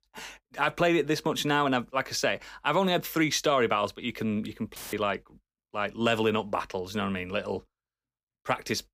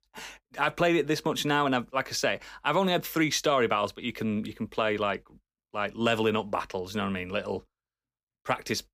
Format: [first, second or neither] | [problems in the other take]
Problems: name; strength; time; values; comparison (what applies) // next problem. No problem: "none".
second | audio cutting out; filled with static; at 5 s